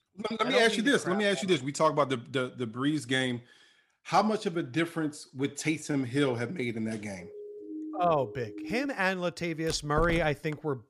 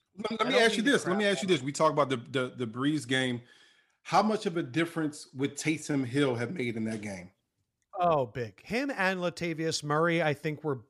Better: second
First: siren; faint; from 7 to 9 s; peak 10 dB below the speech // door banging; noticeable; at 9.5 s; peak 8 dB below the speech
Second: none

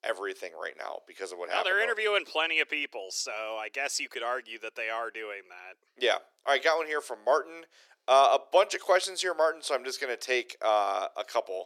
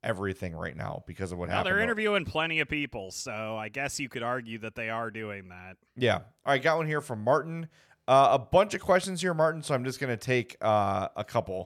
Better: second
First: thin; very; fading below 350 Hz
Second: none

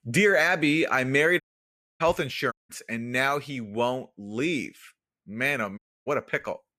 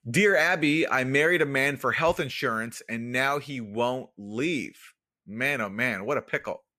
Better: second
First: audio cutting out; at 1.5 s for 0.5 s, at 2.5 s and at 6 s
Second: none

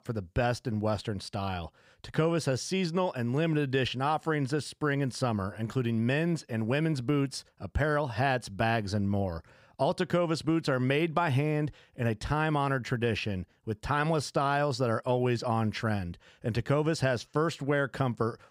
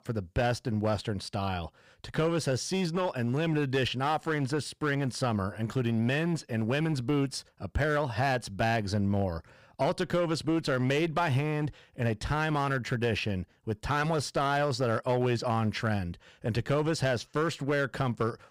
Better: first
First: none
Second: distortion; slight; 8% of the sound clipped

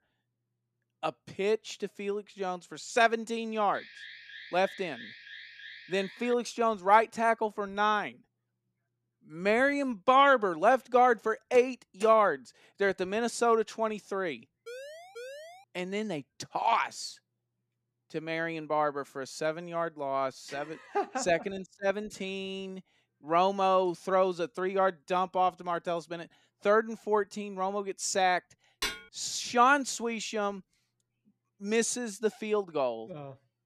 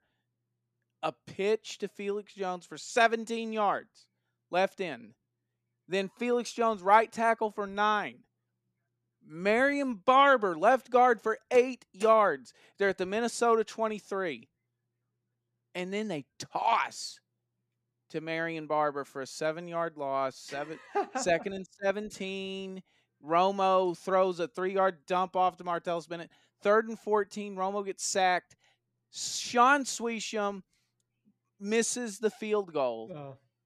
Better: second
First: alarm; faint; from 3.5 to 6.5 s; peak 15 dB below the speech // siren; faint; at 15 s; peak 15 dB below the speech // clattering dishes; noticeable; at 29 s; peak 5 dB below the speech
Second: none

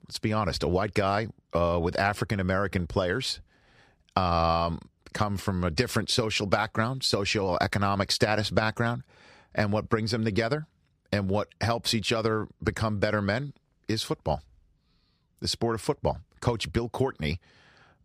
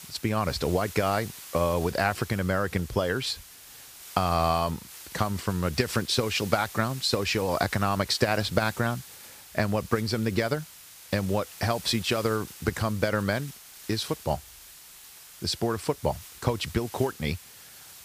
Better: first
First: none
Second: hiss; noticeable; throughout; 15 dB below the speech

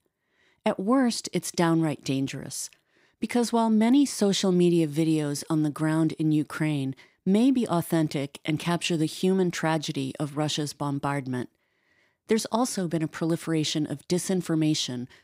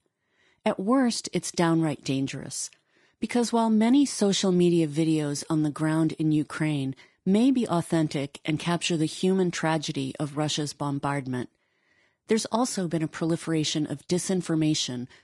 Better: first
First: none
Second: garbled, watery; slightly; nothing above 10.5 kHz

